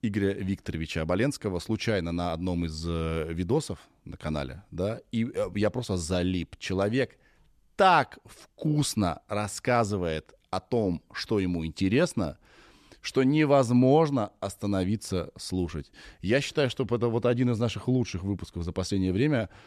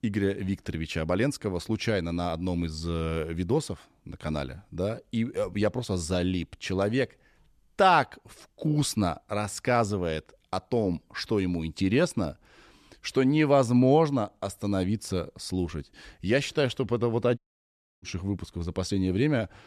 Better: first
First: none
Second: audio cutting out; at 17 s for 0.5 s

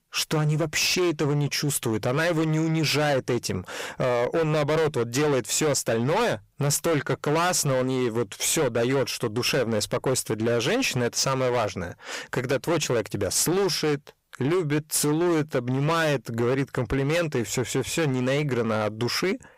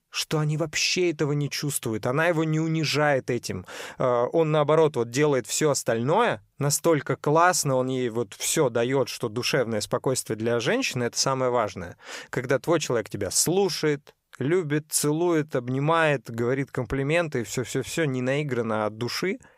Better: second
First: distortion; heavy; 21% of the sound clipped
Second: none

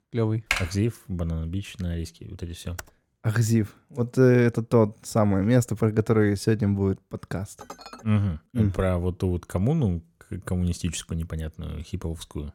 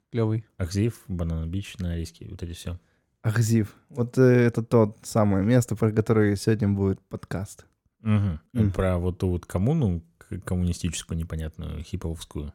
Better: second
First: keyboard typing; noticeable; at 0.5 s; peak 2 dB below the speech // keyboard typing; very faint; at 3 s; peak 15 dB below the speech // clattering dishes; faint; at 7.5 s; peak 15 dB below the speech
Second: none

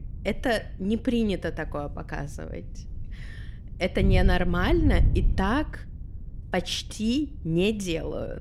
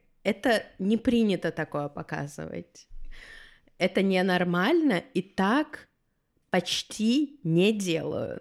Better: second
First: wind noise on the microphone; occasional gusts; 20 dB below the speech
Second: none

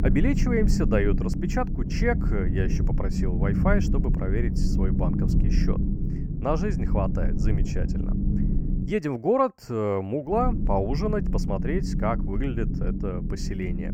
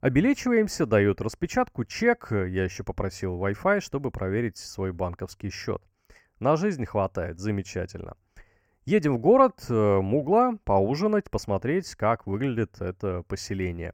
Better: second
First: low rumble; loud; until 9 s and from 10 s on; 7 dB below the speech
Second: none

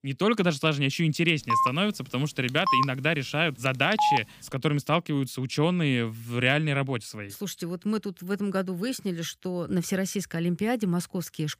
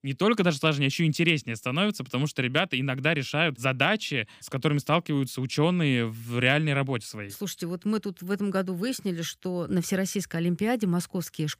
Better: second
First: phone ringing; loud; from 1.5 to 4 s; peak 2 dB above the speech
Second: none

